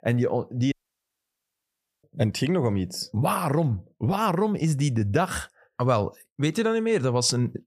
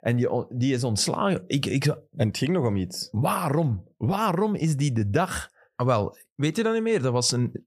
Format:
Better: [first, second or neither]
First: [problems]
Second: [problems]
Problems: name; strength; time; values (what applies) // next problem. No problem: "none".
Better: second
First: audio cutting out; at 0.5 s for 1.5 s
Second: none